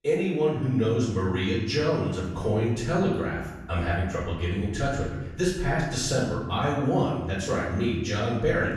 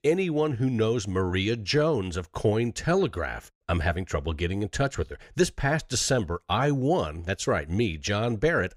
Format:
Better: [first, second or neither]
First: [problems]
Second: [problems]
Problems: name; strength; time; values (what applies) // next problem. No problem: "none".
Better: second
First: off-mic speech; far // room echo; noticeable; dies away in 1.1 s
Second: none